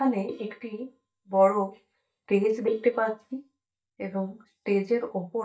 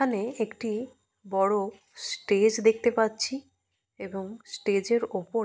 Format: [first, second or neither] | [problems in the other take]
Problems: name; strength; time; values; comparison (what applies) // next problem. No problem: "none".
second | noise reduction (neural mask model DeepFilterNet 3)